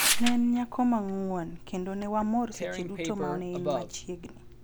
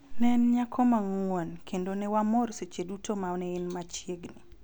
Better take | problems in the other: second | background sound (Tearing); 5 dB below the speech

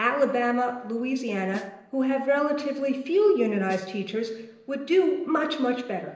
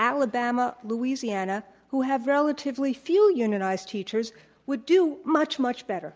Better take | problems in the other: second | noise reduction (neural separator model SepFormer DNS4)

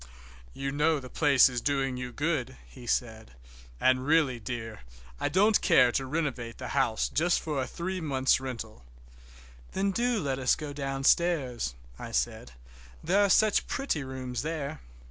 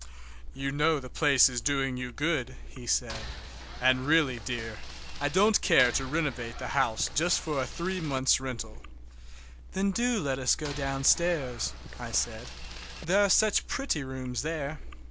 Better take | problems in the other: first | background sound (Chewing, mastication + Boat, Water vehicle); 13 dB below the speech

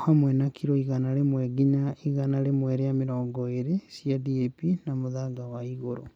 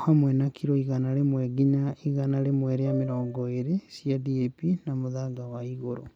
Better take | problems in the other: first | background sound (Piano); 12 dB below the speech

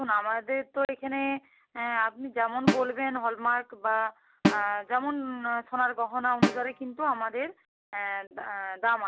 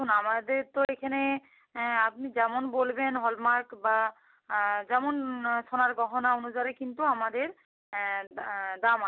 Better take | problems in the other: second | background sound (Snare drum); 1 dB below the speech

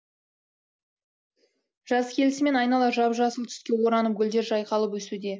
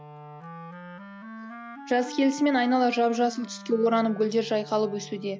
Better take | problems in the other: first | background sound (Wind instrument, woodwind instrument); 15 dB below the speech

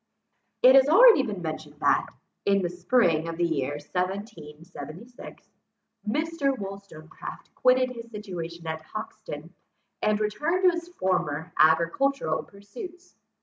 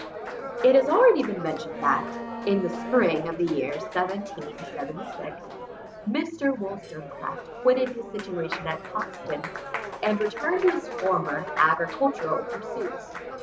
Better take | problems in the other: first | background sound (Applause + Bowed string instrument); 9 dB below the speech

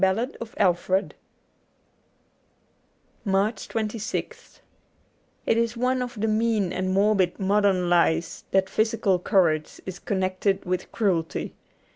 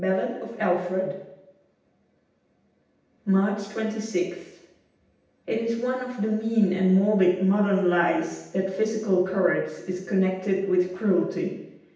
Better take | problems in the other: first | room echo; dies away in 0.9 s

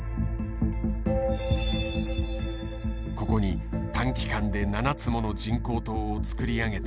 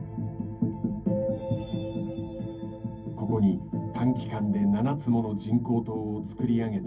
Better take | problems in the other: first | room echo; dies away in 0.3 s

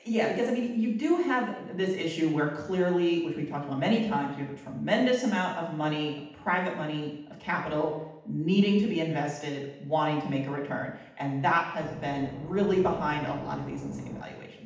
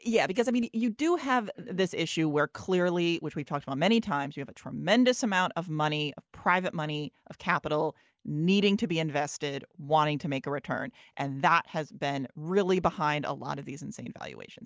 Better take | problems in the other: second | background sound (Engine / Boat, Water vehicle); 14 dB below the speech // room echo; dies away in 0.8 s

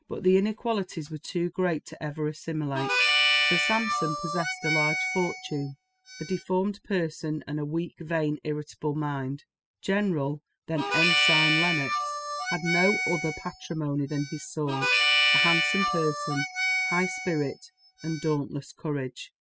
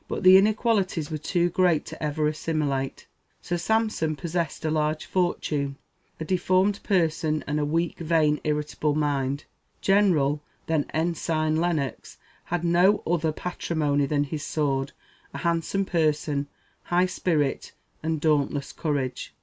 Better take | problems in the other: second | noise reduction (classical method spectral subtraction)

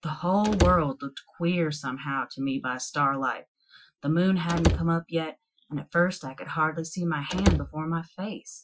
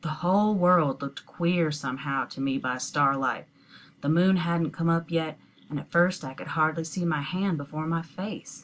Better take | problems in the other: second | noise reduction (classical method Wiener filter)

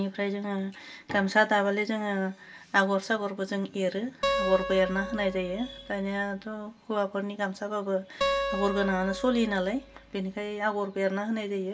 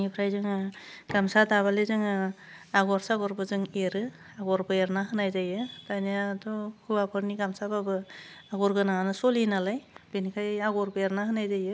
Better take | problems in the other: second | background sound (Acoustic guitar); 5 dB below the speech // room echo; dies away in 0.1 s

